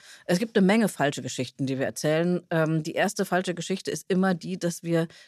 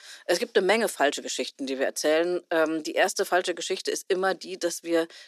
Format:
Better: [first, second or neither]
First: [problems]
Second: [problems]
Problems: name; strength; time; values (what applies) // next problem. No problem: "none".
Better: first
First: none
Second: thin; somewhat; fading below 300 Hz